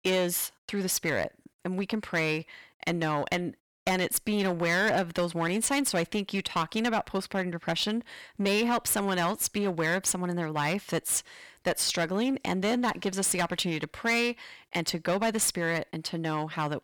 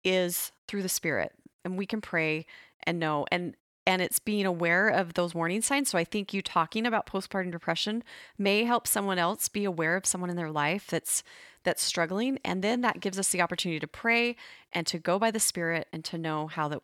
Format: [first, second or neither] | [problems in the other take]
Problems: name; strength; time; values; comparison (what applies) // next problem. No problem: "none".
second | distortion; slight; 7% of the sound clipped